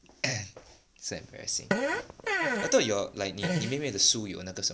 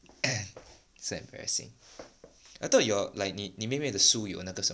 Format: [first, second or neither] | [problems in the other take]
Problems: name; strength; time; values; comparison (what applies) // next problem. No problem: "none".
second | background sound (Fart); 1 dB below the speech